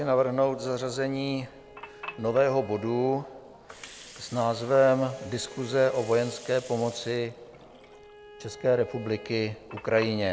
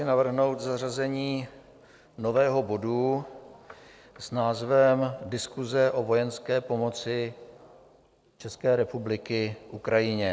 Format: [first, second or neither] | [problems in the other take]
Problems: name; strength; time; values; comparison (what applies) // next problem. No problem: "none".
second | background sound (Bowed string instrument + Water); 19 dB below the speech